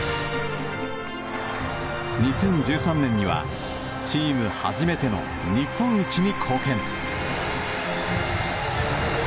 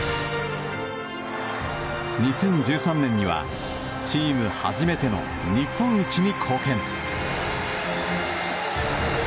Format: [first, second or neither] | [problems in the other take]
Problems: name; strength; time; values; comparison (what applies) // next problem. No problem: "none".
second | background sound (Sink (filling or washing)); 11 dB below the speech